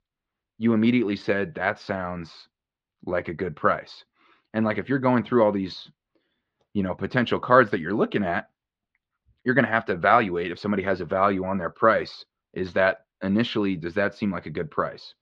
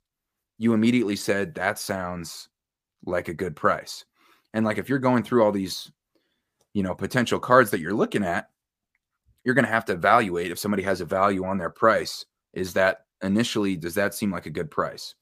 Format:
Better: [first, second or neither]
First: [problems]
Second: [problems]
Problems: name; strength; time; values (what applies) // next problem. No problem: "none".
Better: second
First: muffled; slightly; fading above 4 kHz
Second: none